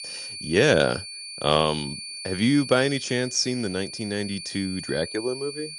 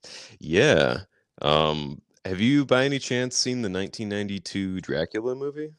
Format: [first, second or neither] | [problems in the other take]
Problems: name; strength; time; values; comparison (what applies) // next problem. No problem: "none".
second | high-pitched whine; noticeable; throughout; 4.5 kHz, 10 dB below the speech